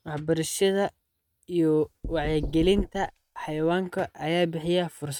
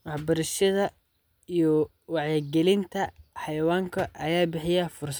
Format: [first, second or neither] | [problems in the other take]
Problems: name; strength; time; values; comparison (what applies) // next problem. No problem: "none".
second | noise reduction (neural mask model RNNoise)